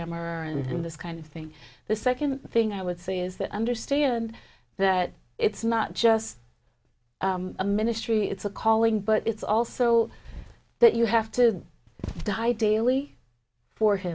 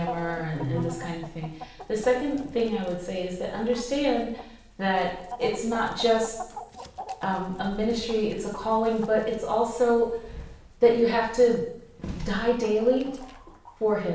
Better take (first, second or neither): first